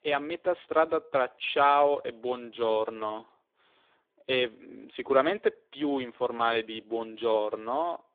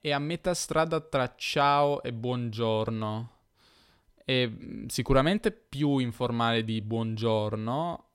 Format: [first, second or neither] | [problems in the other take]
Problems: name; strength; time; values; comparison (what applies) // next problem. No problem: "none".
second | phone-call audio; poor line; nothing above 3.5 kHz